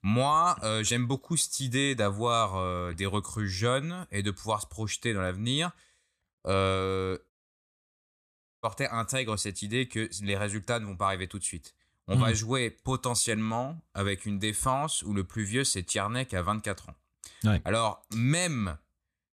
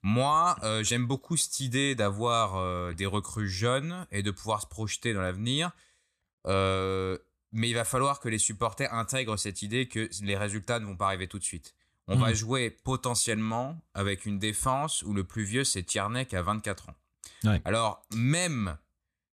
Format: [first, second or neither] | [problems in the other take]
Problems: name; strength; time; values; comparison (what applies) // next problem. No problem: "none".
second | audio cutting out; at 7.5 s for 1.5 s